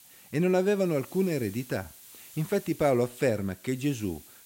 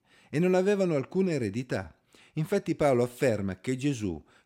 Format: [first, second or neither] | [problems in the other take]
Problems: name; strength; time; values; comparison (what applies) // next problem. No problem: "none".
second | hiss; noticeable; throughout; 20 dB below the speech